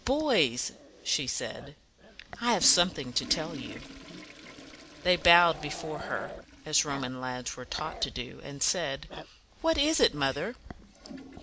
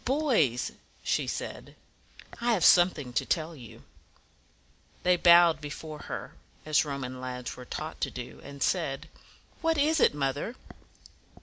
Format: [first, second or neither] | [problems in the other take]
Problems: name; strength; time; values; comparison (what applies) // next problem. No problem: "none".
second | background sound (Toilet flush / Water + Growling); 16 dB below the speech